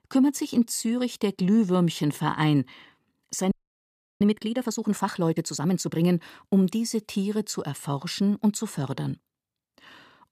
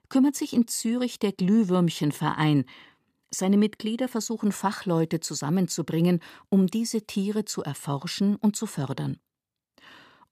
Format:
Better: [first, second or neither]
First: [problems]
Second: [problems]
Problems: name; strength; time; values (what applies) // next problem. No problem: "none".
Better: second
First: audio freezing; at 3.5 s for 0.5 s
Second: none